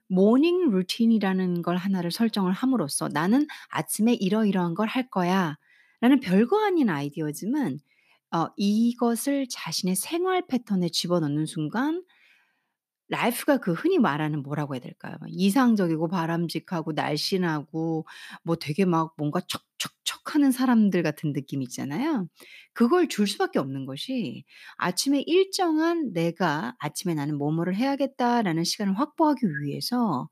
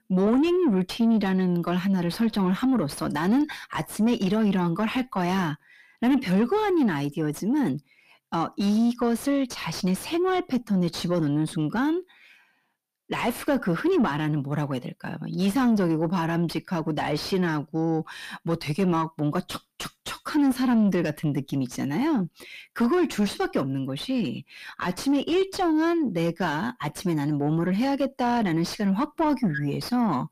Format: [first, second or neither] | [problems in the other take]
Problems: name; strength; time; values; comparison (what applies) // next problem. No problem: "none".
first | distortion; slight; 10 dB below the speech